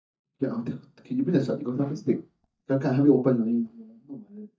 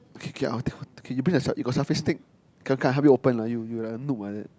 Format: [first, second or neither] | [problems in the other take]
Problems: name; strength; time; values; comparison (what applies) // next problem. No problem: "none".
second | noise reduction (neural mask model DeepFilterNet 3)